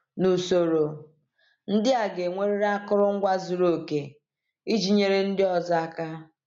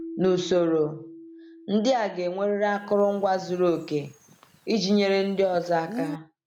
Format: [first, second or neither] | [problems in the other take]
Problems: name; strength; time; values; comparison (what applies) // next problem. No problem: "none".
first | background sound (Keyboard (musical) + Bird); 16 dB below the speech